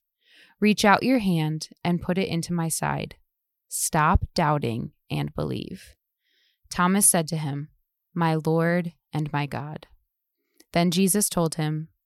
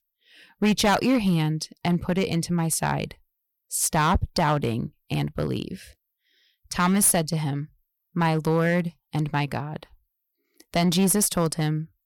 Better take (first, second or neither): first